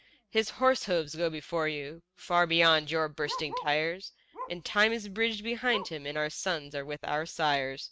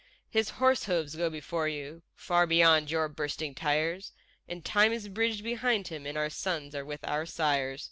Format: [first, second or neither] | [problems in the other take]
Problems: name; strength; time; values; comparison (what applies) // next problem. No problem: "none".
second | noise reduction (neural mask model RNNoise)